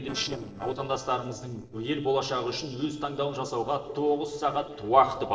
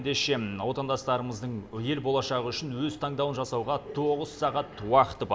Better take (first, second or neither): second